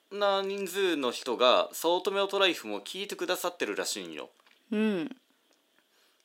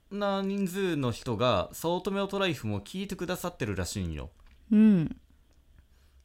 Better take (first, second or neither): second